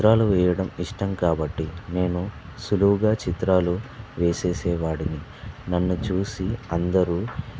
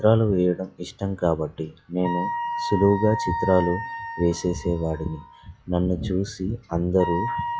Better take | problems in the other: first | noise reduction (classical method log-MMSE)

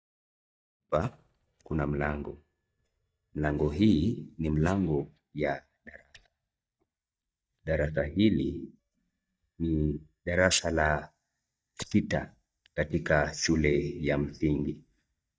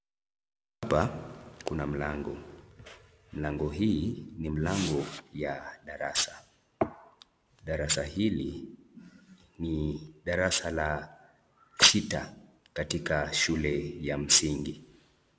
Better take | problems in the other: second | noise reduction (neural mask model DeepFilterNet 3)

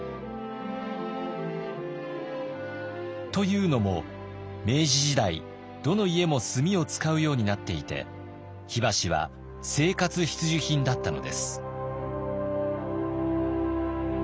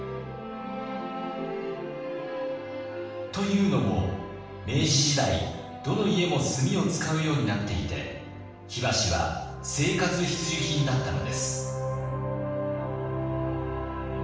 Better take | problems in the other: first | room echo; dies away in 0.9 s

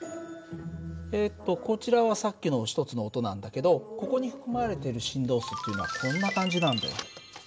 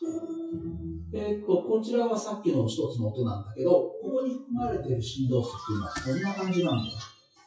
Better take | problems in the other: first | noise reduction (classical method WPE with log-MMSE)

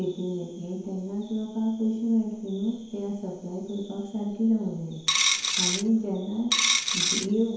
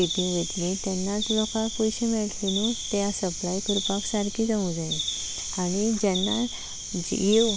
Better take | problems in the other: second | background sound (Coin (dropping)); 3 dB above the speech // room echo; dies away in 0.9 s

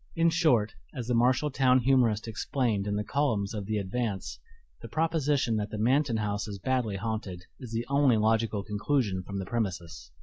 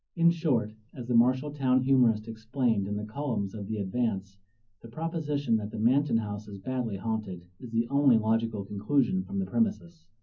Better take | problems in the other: first | room echo; dies away in 0.4 s

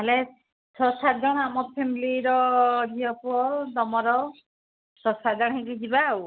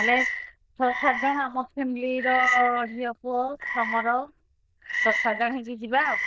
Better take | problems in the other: first | noise reduction (neural diffusion model UNIVERSE++)

